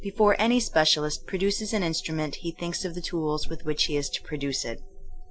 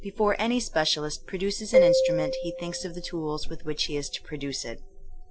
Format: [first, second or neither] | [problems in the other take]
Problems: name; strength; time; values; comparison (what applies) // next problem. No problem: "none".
first | background sound (Marimba, xylophone); 3 dB above the speech